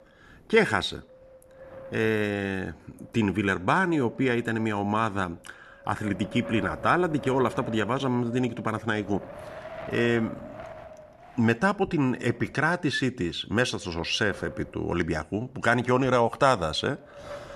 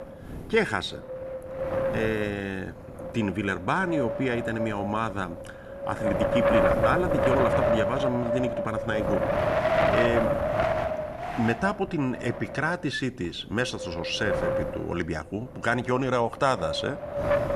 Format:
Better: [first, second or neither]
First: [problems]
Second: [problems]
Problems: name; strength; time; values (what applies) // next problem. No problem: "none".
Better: first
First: wind noise on the microphone; occasional gusts; 15 dB below the speech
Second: wind noise on the microphone; heavy; 2 dB above the speech